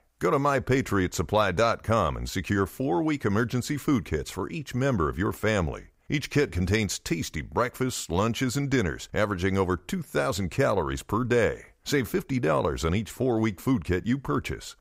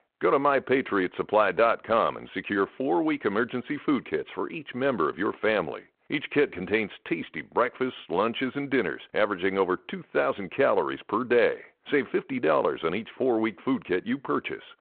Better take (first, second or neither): first